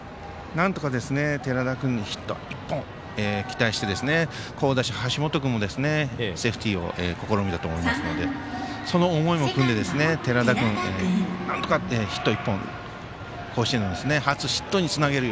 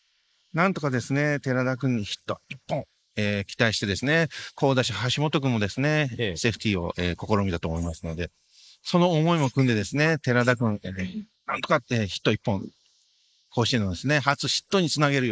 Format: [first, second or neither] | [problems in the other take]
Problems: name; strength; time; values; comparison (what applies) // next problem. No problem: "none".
first | noise reduction (neural mask model Resemble Enhance denoiser)